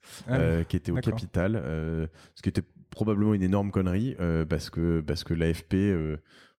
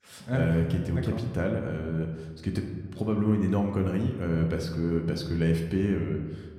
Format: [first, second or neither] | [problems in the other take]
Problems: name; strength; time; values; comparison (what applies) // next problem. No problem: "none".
first | room echo; slight; dies away in 1.2 s